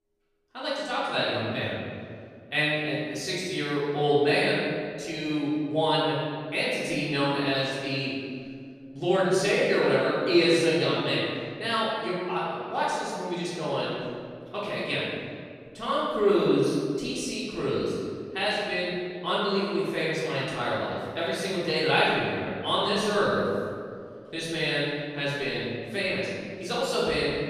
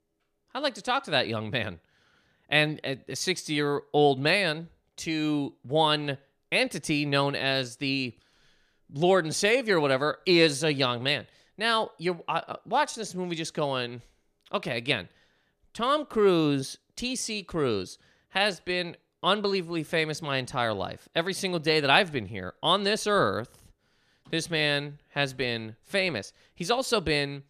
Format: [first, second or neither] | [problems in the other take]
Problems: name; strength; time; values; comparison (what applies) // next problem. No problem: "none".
second | room echo; strong; dies away in 1.8 s // off-mic speech; far